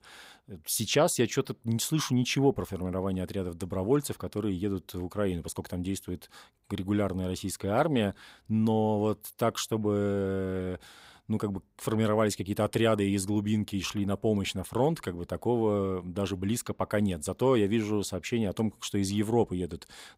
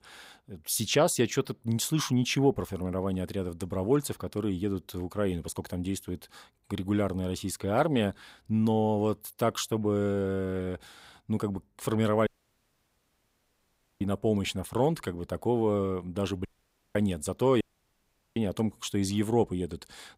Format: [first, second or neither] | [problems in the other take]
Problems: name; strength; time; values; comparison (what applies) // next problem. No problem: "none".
first | audio cutting out; at 12 s for 1.5 s, at 16 s for 0.5 s and at 18 s for 1 s